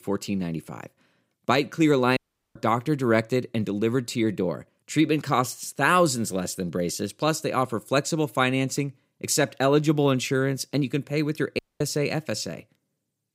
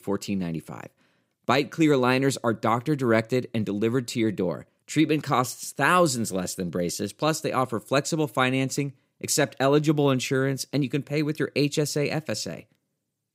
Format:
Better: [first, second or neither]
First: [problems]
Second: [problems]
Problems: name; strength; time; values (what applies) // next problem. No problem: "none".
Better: second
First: audio cutting out; at 2 s and at 12 s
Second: none